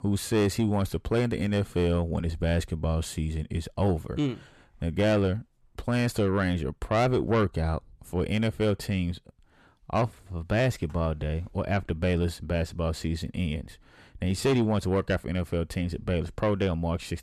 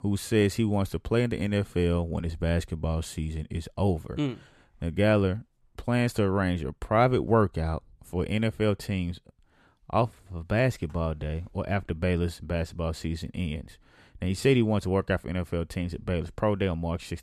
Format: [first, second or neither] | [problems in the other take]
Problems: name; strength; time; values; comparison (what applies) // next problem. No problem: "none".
second | distortion; slight; 10 dB below the speech